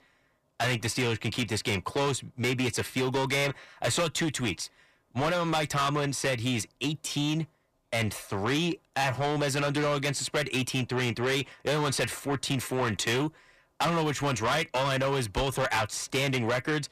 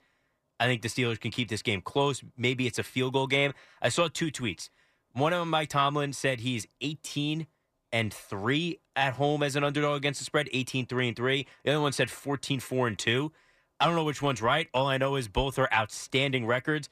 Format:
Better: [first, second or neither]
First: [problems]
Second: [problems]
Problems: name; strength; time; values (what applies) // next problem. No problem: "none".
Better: second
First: distortion; heavy; 6 dB below the speech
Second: none